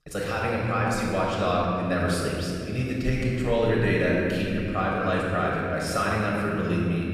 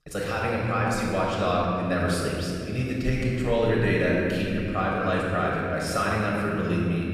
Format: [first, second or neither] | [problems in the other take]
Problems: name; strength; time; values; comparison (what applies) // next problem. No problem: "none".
neither | off-mic speech; far; the same in both // room echo; strong; dies away in 3 s; the same in both